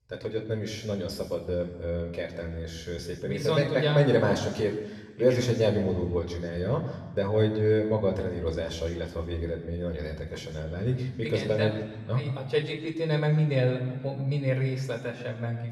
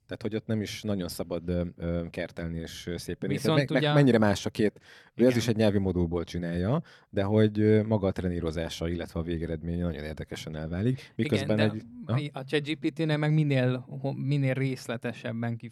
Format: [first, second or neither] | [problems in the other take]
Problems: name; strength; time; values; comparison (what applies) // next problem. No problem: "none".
second | room echo; slight; dies away in 1.2 s // off-mic speech; somewhat distant